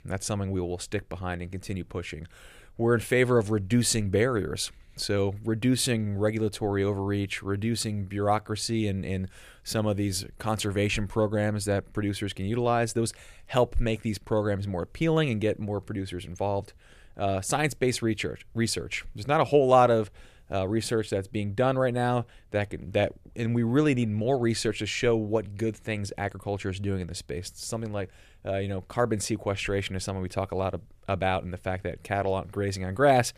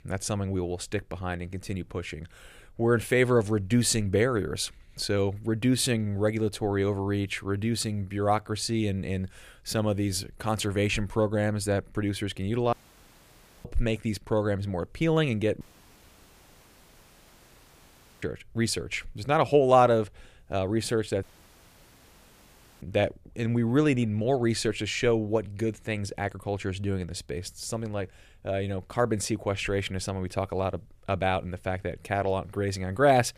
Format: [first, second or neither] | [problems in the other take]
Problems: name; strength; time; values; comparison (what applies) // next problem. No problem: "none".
first | audio cutting out; at 13 s for 1 s, at 16 s for 2.5 s and at 21 s for 1.5 s